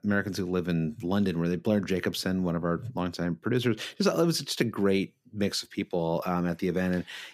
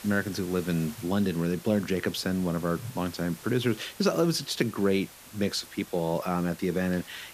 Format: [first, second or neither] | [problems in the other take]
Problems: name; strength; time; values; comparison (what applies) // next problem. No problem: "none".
first | hiss; noticeable; throughout; 15 dB below the speech